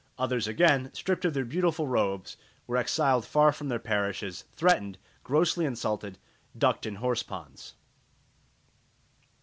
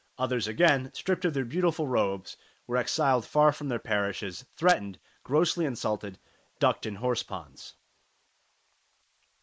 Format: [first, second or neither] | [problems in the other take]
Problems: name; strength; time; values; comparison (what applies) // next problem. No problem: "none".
first | noise reduction (neural mask model Resemble Enhance denoiser)